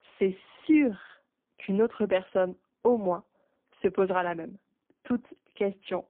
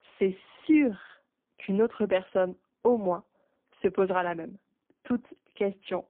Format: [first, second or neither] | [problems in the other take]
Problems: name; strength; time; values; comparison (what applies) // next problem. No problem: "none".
neither | phone-call audio; poor line; the same in both